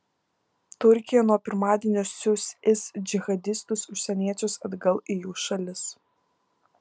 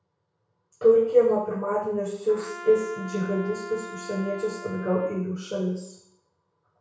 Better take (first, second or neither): first